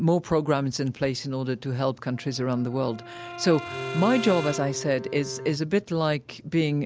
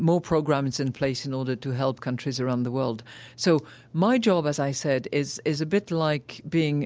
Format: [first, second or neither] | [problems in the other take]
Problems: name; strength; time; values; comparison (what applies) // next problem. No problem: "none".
second | background sound (Brass instrument + Bowed string instrument); 11 dB below the speech